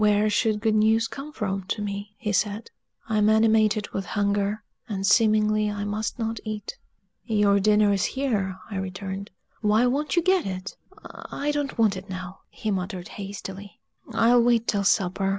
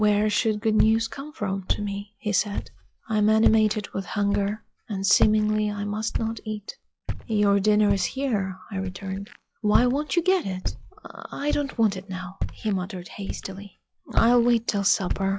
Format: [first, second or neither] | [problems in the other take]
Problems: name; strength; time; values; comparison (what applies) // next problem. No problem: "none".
first | noise reduction (classical method log-MMSE)